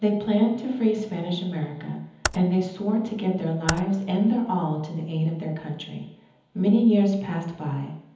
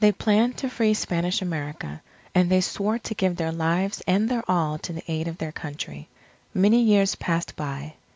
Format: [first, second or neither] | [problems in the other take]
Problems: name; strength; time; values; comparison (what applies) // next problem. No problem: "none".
second | background sound (Computer keyboard); 10 dB below the speech // room echo; dies away in 1.3 s